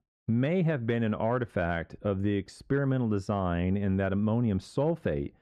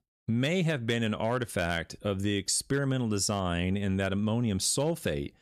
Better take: second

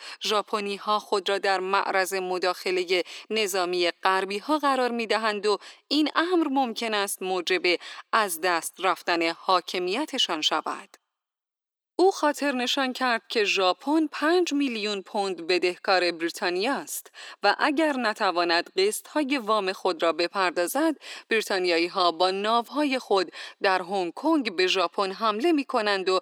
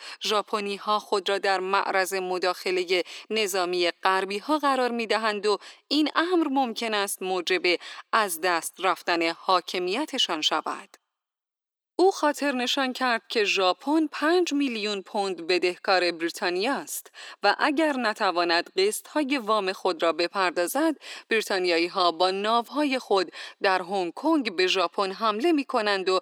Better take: neither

